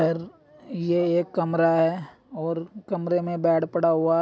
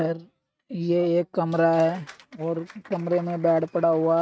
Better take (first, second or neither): first